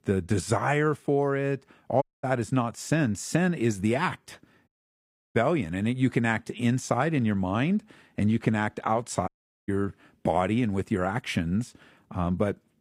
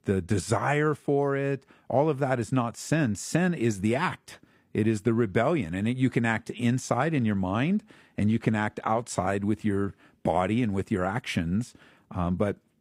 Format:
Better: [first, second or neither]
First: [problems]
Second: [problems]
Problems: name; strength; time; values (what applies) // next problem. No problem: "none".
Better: second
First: audio cutting out; at 2 s, at 4.5 s for 0.5 s and at 9.5 s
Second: none